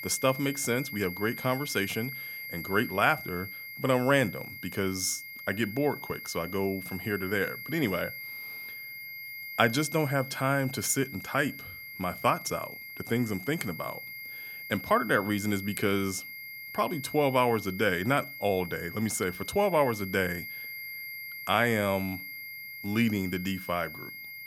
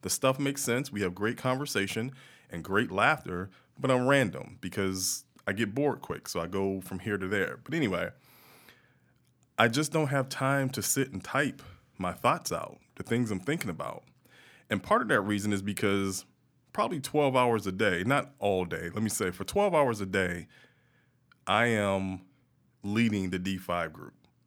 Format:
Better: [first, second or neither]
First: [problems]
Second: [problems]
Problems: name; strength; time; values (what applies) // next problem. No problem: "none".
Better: second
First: high-pitched whine; loud; throughout; 2 kHz, 10 dB below the speech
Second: none